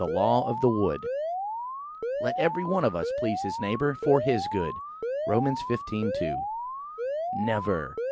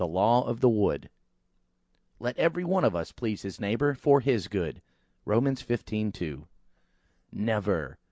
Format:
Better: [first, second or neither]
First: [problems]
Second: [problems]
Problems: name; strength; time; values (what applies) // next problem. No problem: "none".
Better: second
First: background sound (Alarm); 3 dB below the speech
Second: none